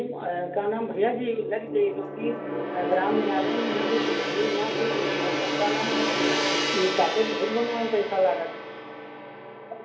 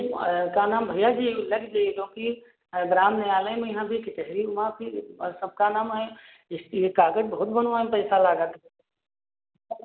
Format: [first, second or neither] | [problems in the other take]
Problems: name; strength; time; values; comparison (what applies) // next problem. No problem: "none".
second | background sound (Gong); 1 dB below the speech // room echo; dies away in 0.3 s